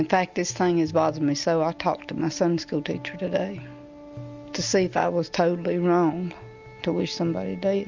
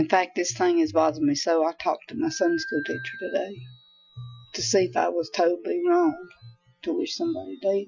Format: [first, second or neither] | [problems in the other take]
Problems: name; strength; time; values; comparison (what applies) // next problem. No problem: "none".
first | noise reduction (classical method Wiener filter)